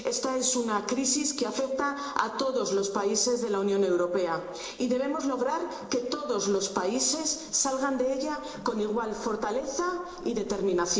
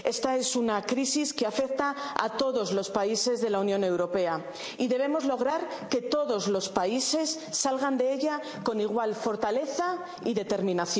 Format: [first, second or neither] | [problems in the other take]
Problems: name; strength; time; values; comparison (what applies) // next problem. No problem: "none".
second | noise reduction (neural separator model SepFormer DNS4)